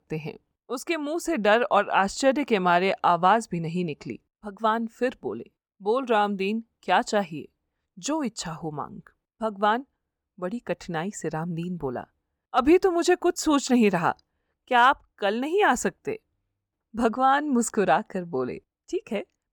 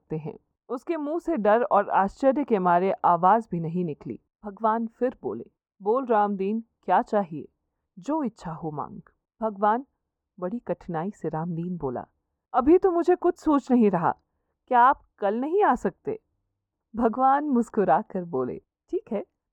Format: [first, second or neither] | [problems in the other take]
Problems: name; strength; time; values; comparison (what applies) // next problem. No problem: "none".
first | muffled; very; fading above 2 kHz